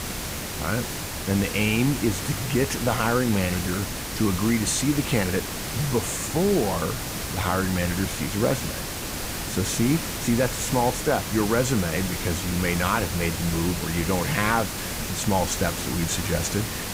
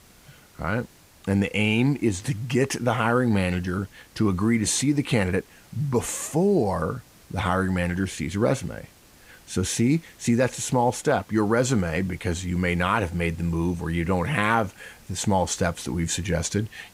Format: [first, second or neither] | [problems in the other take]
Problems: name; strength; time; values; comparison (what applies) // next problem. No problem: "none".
second | hiss; loud; throughout; 4 dB below the speech; faint in the second